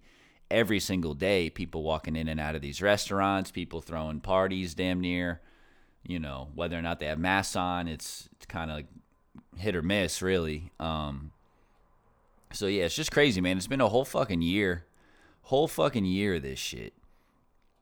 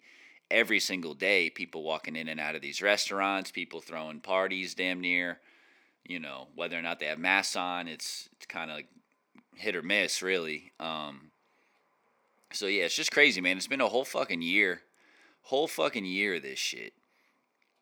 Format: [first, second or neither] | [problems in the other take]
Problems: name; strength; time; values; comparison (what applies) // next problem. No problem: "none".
first | thin; very slightly; fading below 250 Hz